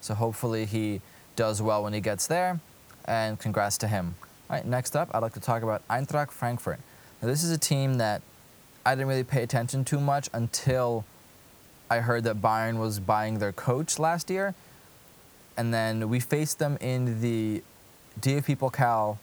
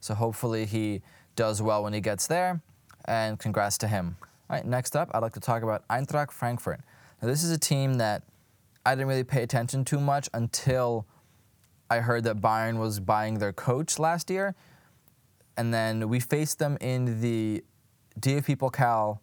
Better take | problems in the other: second | hiss; faint; throughout; 25 dB below the speech

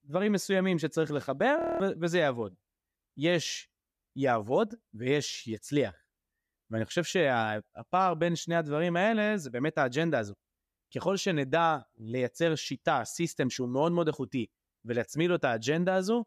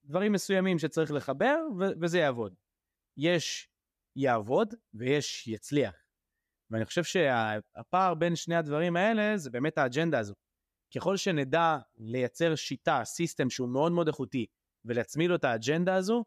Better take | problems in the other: second | audio freezing; at 1.5 s

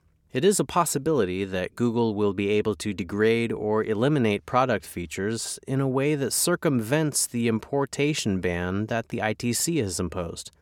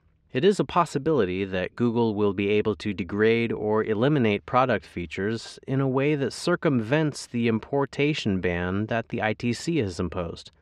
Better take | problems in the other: first | muffled; slightly; fading above 3 kHz

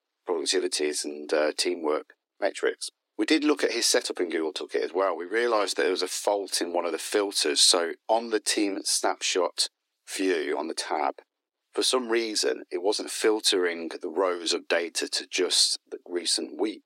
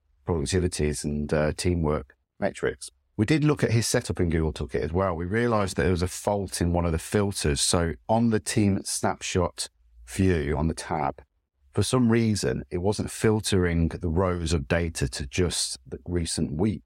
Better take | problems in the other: second | thin; somewhat; fading below 300 Hz

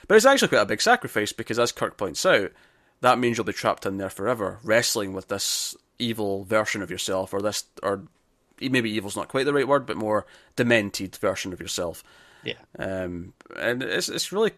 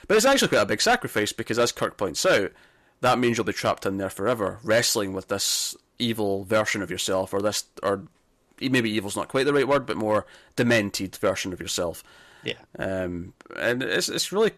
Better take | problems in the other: first | distortion; slight; 3% of the sound clipped

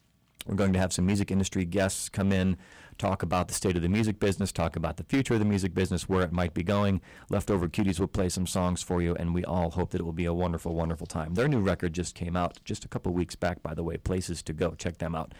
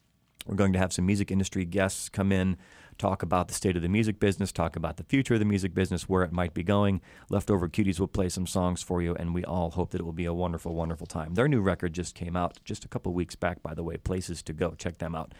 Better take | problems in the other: second | distortion; slight; 7% of the sound clipped

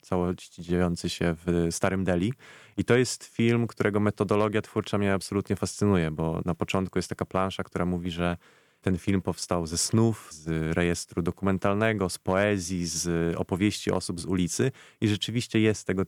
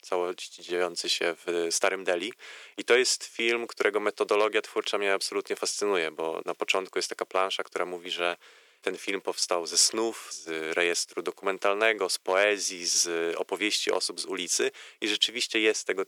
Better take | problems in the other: first | thin; very; fading below 400 Hz

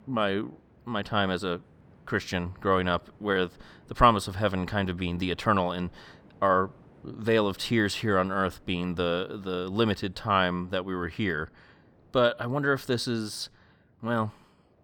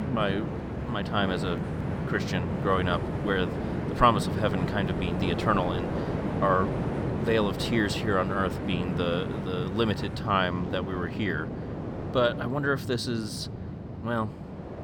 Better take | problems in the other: first | train or aircraft noise; loud; throughout; 3 dB below the speech; faint in the first

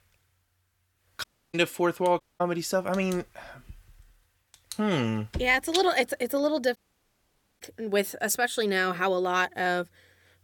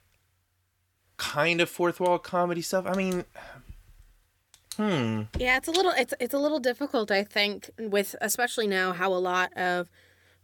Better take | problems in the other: second | audio cutting out; at 1 s, at 2 s and at 7 s for 1 s

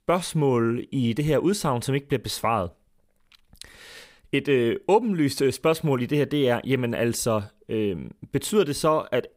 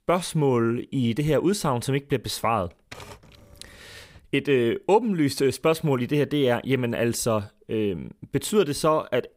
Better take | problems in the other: first | keyboard typing; faint; from 2.5 to 4 s; peak 20 dB below the speech

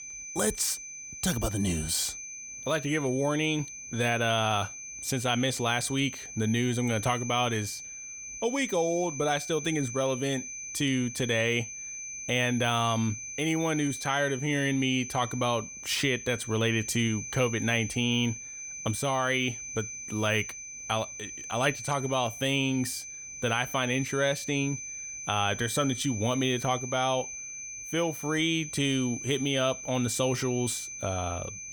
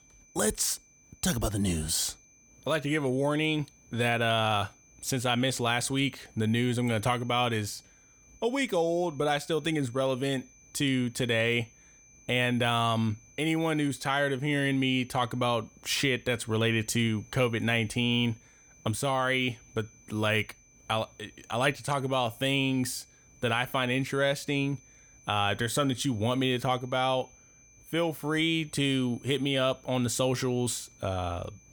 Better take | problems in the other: second | high-pitched whine; loud; throughout; 6 kHz, 9 dB below the speech; faint in the second

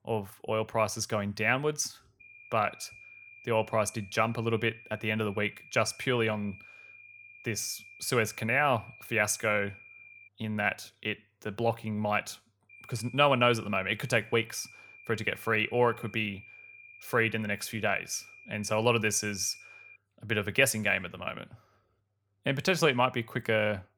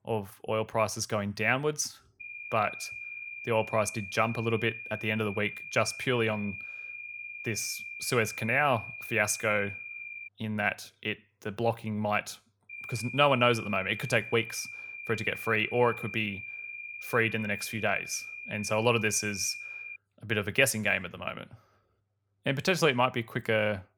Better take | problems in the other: first | high-pitched whine; loud; from 2 to 10 s and from 13 to 20 s; 2.5 kHz, 10 dB below the speech; faint in the first

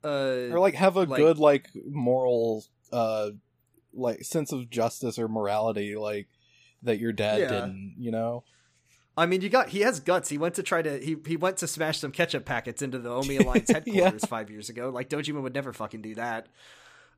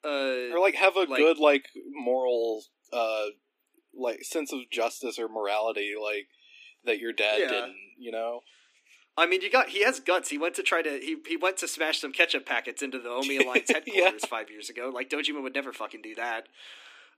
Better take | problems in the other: first | thin; very slightly; fading below 250 Hz

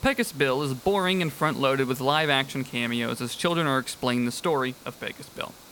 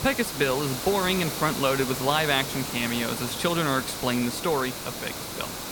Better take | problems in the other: first | hiss; loud; throughout; 5 dB below the speech; faint in the first

